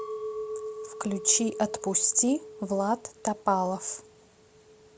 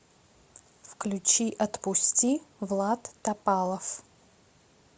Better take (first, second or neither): second